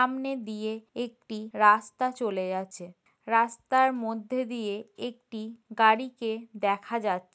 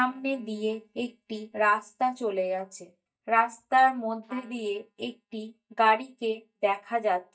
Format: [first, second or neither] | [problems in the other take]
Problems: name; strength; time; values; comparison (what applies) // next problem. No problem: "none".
first | noise reduction (neural mask model DeepFilterNet 3)